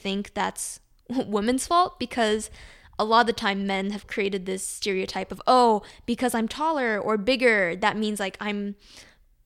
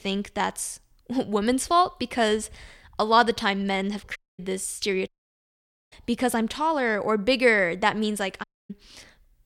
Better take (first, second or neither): first